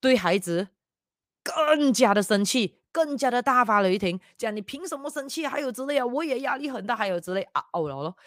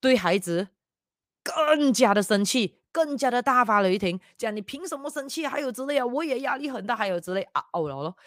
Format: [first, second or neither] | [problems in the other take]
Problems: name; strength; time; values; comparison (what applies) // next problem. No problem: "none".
neither | none